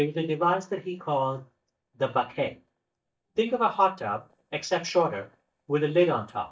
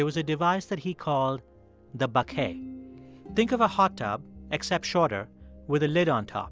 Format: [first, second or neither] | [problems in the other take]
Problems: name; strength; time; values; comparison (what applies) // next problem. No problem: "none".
second | noise reduction (neural mask model DeepFilterNet 3)